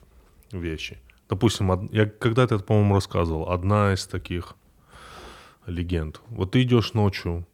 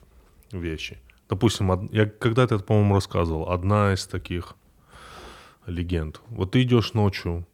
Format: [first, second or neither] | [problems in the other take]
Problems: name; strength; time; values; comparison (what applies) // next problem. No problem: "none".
neither | none